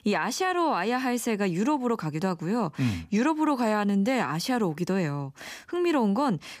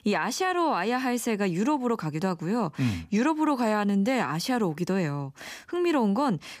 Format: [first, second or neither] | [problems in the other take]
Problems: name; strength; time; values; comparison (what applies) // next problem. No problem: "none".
neither | none